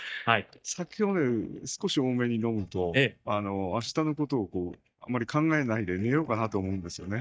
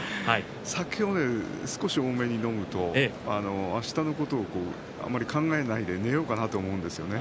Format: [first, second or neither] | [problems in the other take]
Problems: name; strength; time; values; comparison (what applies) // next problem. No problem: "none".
second | noise reduction (neural mask model DeepFilterNet 3)